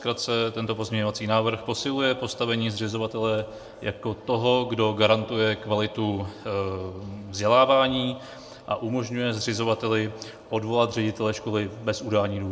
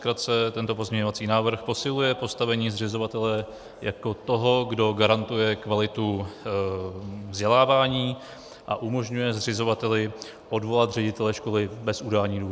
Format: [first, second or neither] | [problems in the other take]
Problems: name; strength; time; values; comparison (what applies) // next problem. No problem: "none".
second | room echo; dies away in 0.8 s